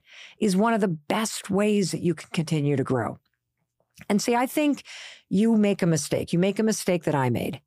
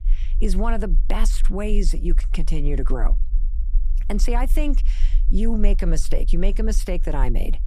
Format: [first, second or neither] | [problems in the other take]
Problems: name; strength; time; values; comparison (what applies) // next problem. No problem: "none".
first | low rumble; faint; throughout; 20 dB below the speech